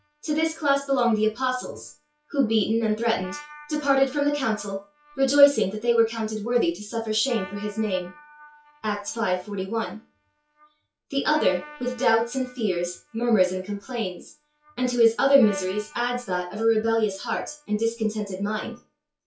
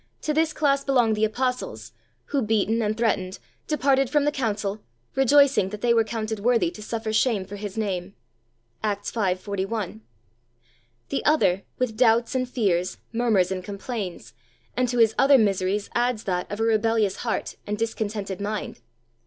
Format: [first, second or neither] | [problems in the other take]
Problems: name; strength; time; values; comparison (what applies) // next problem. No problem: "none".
second | noise reduction (classical method WPE with log-MMSE)